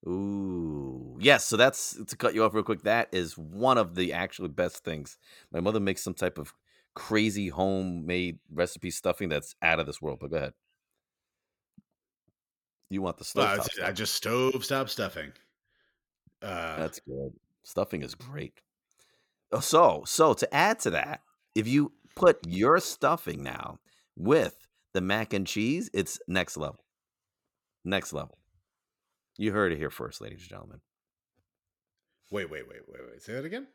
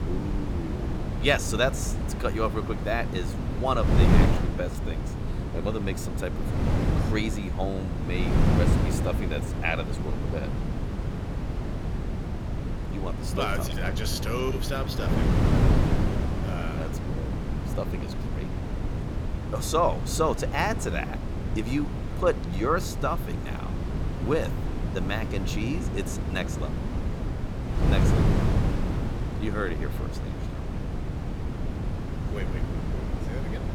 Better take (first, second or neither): first